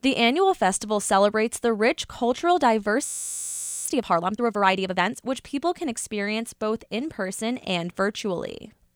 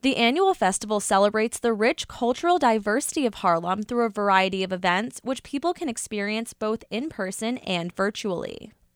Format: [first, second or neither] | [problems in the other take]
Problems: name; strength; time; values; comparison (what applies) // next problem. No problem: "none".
second | audio freezing; at 3 s for 1 s